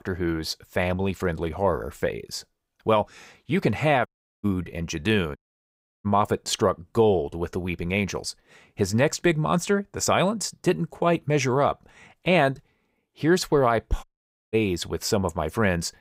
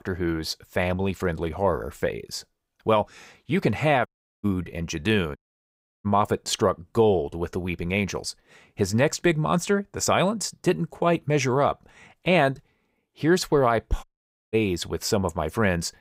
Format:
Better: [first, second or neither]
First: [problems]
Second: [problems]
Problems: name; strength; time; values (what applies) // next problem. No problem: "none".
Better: neither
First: audio cutting out; at 4 s, at 5.5 s for 0.5 s and at 14 s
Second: audio cutting out; at 4 s, at 5.5 s for 0.5 s and at 14 s